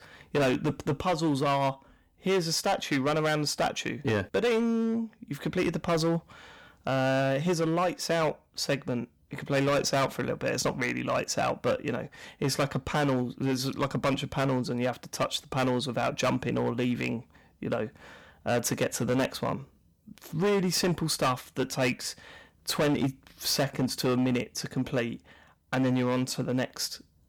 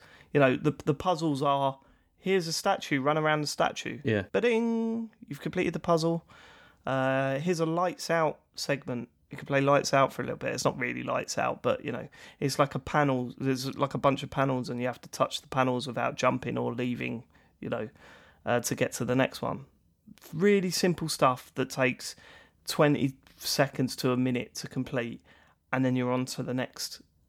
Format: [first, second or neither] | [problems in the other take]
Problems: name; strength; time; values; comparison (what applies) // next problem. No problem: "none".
second | distortion; heavy; 10% of the sound clipped